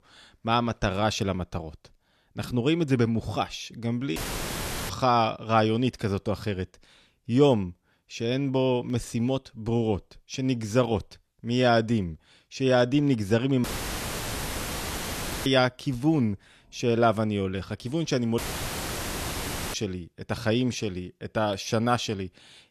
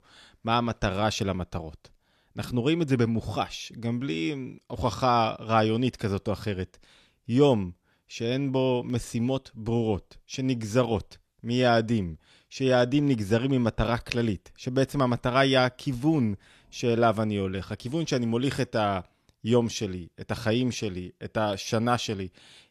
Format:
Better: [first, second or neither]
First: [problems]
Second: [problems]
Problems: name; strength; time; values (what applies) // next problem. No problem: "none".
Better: second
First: audio cutting out; filled with static; at 4 s for 0.5 s, at 14 s for 2 s and at 18 s for 1.5 s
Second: none